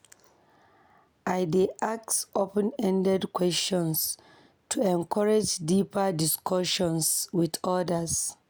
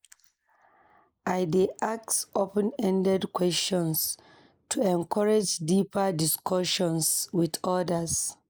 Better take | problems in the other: first | noise reduction (neural mask model Resemble Enhance denoiser)

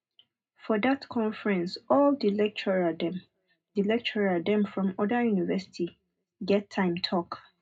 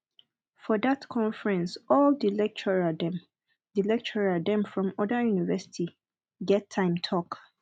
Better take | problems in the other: second | room echo; dies away in 0.2 s

